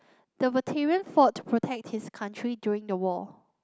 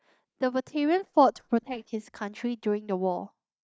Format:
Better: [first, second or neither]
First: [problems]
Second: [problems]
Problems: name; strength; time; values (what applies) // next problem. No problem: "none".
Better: first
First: none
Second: noise reduction (neural mask model DeepFilterNet 3)